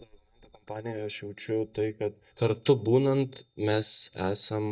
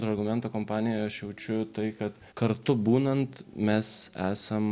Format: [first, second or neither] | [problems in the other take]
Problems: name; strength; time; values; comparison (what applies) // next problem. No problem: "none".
second | noise reduction (neural mask model DeepFilterNet 3)